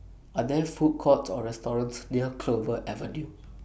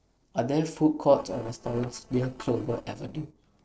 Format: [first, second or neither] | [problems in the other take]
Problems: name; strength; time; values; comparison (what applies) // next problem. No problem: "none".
first | noise reduction (neural separator model SepFormer DNS4)